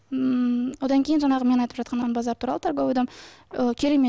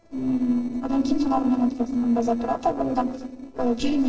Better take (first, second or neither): first